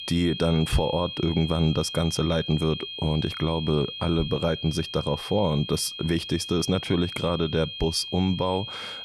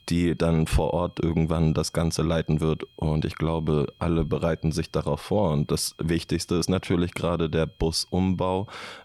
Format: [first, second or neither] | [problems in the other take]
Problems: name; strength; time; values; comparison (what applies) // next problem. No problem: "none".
second | high-pitched whine; loud; throughout; 3 kHz, 8 dB below the speech; faint in the second